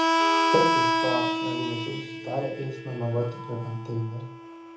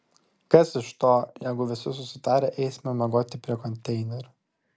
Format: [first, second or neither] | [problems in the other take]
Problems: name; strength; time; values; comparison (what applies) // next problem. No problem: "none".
second | background sound (Harmonica); 4 dB above the speech // room echo; dies away in 0.8 s